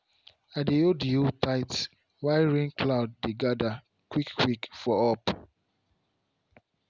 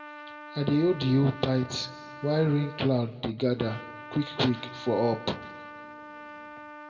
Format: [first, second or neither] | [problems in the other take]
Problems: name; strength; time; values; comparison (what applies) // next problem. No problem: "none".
first | background sound (Trumpet); 15 dB below the speech // room echo; dies away in 1.3 s